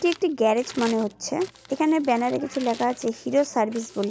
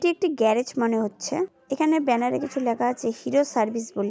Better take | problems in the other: second | background sound (Crumpling, crinkling); 19 dB below the speech

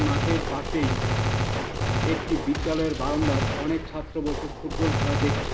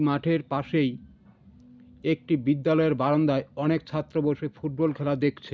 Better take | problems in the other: second | background sound (Gunshot, gunfire); 2 dB above the speech // room echo; dies away in 1.8 s

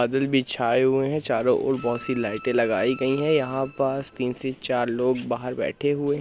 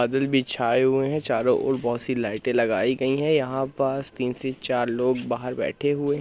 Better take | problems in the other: second | background sound (Bowed string instrument); 19 dB below the speech

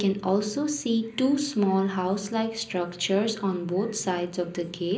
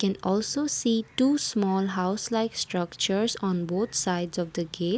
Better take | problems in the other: second | room echo; dies away in 0.5 s

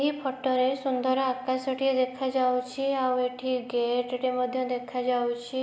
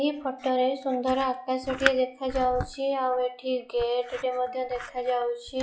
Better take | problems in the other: first | noise reduction (classical method log-MMSE)

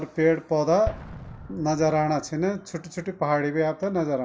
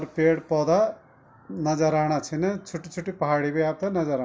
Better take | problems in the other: second | background sound (Explosion); 18 dB below the speech

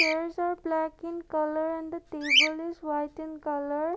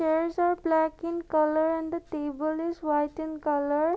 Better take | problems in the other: second | background sound (Bird vocalization, bird call, bird song); 1 dB below the speech

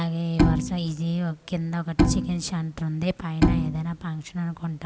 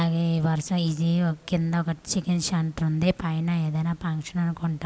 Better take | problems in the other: second | background sound (Bowed string instrument); 1 dB above the speech

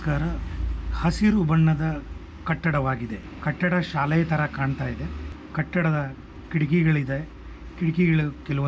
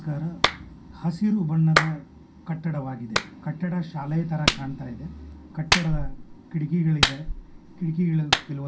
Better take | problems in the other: first | background sound (Clapping); 2 dB below the speech // room echo; dies away in 0.3 s

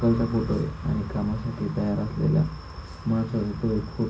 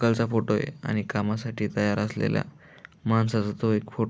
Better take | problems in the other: second | background sound (Wind); 11 dB below the speech // room echo; dies away in 0.4 s

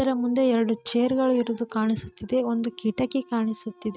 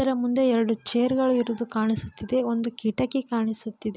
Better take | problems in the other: second | noise reduction (neural mask model RNNoise)

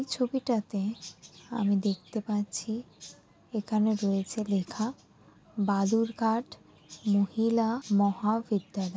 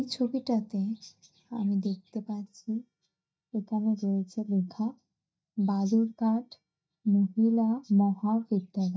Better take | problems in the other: first | noise reduction (neural mask model DeepFilterNet 3)

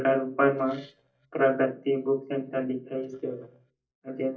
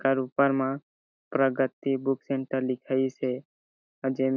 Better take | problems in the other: second | noise reduction (neural mask model DeepFilterNet 3)

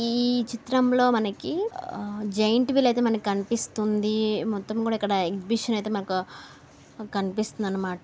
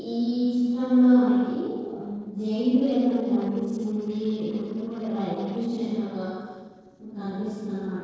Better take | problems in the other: first | noise reduction (neural separator model SepFormer DNS4)

